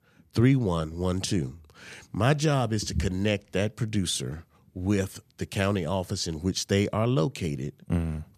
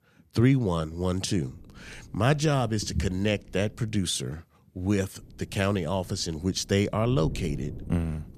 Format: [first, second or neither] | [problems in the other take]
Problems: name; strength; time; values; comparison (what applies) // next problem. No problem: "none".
first | wind noise on the microphone; occasional gusts; from 1.5 to 4 s and from 5 s on; 25 dB below the speech